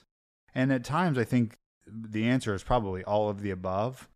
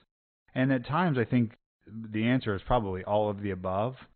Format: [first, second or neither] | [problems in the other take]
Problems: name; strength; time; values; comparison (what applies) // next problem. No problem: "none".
first | garbled, watery; badly; nothing above 4 kHz